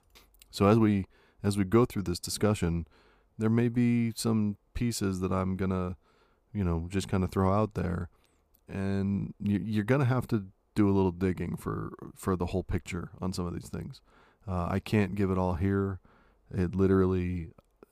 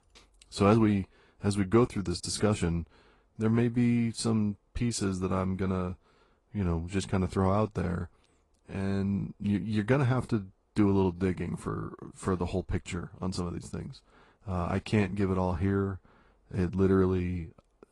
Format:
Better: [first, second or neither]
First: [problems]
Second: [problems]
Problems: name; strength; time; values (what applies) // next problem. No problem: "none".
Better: first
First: none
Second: garbled, watery; slightly; nothing above 10 kHz